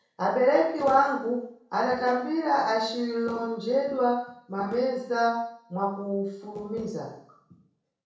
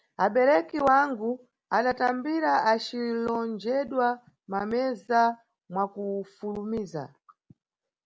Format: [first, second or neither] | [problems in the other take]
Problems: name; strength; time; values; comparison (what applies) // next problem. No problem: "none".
second | room echo; dies away in 0.6 s